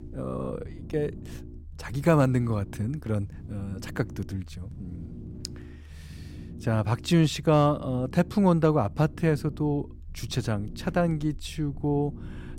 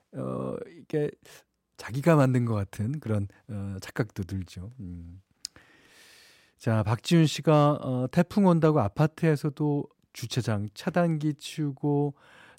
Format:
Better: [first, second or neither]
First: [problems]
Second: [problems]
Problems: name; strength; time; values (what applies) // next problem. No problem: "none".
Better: second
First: low rumble; faint; throughout; 20 dB below the speech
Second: none